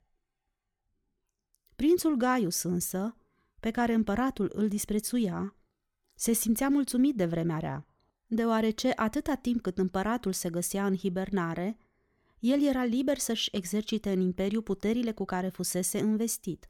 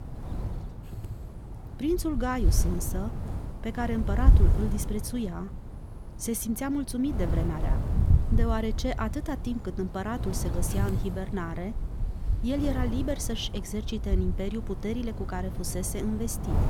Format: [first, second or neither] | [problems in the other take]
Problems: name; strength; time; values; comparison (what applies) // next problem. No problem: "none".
first | wind noise on the microphone; heavy; 9 dB below the speech